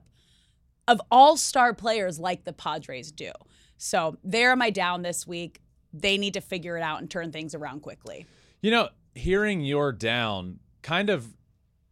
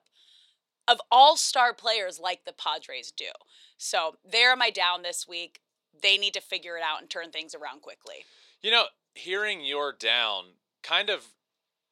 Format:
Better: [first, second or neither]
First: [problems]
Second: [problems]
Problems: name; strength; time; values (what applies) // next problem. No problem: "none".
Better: first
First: none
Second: thin; very; fading below 450 Hz